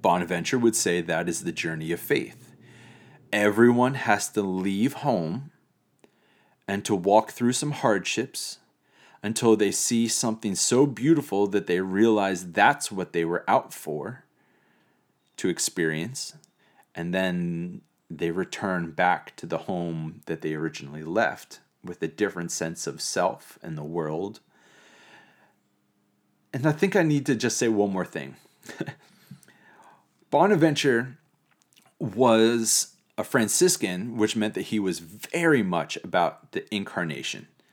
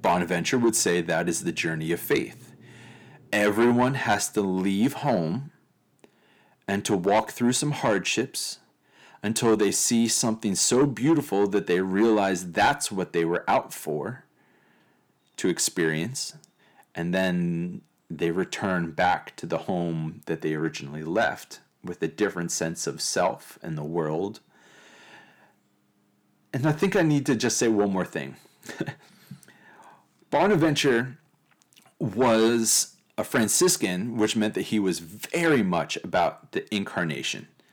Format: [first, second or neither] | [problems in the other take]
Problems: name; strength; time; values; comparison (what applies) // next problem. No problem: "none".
first | distortion; slight; 10 dB below the speech